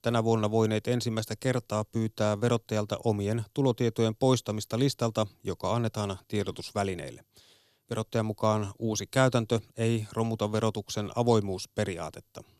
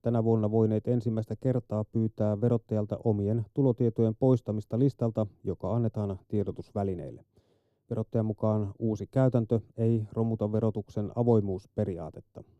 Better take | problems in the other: first | muffled; very; fading above 1 kHz

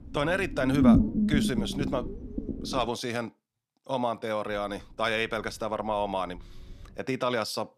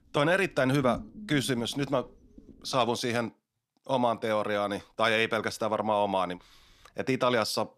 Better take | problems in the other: second | low rumble; loud; until 3 s and from 4.5 to 7 s; 4 dB below the speech; faint in the second

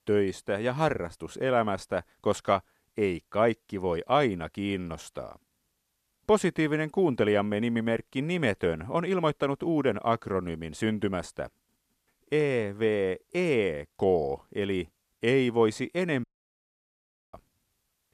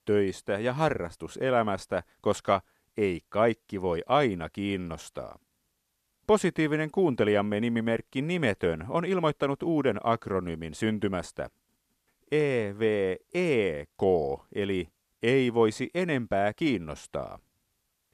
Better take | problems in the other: second | audio cutting out; at 16 s for 1 s

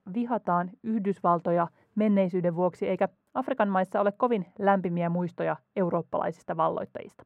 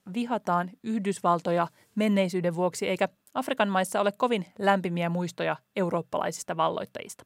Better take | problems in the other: second | muffled; very; fading above 3 kHz

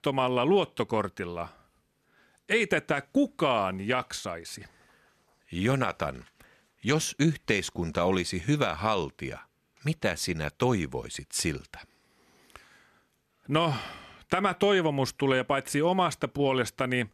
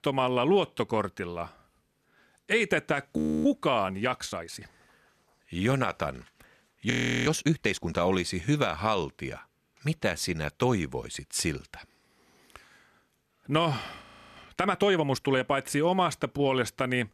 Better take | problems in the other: first | audio freezing; at 3 s, at 7 s and at 14 s

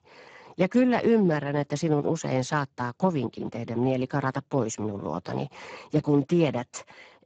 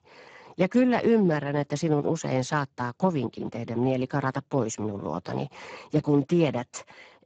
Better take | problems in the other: neither | garbled, watery; badly; nothing above 7.5 kHz; the same in both

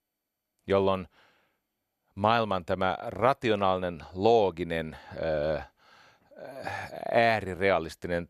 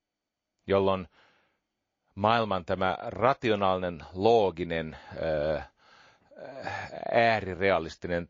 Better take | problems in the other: first | garbled, watery; slightly; nothing above 6.5 kHz

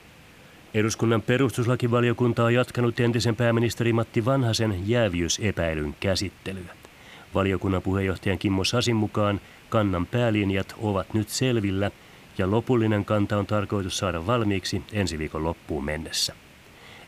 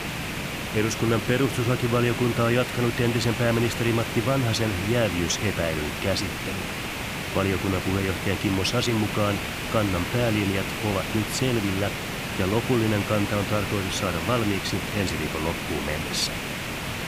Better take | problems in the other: first | hiss; loud; throughout; 4 dB below the speech; faint in the first

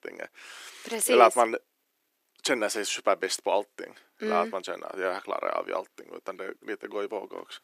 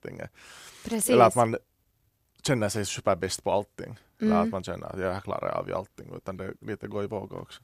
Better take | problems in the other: second | thin; somewhat; fading below 300 Hz

